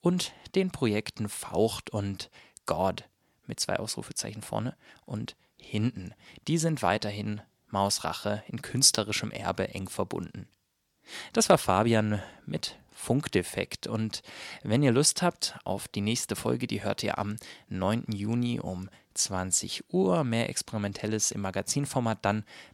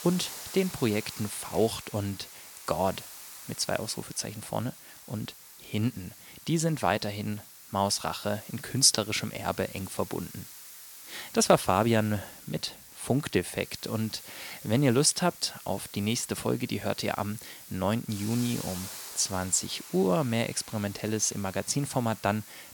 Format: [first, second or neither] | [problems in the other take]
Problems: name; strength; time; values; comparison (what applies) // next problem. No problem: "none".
first | hiss; noticeable; throughout; 15 dB below the speech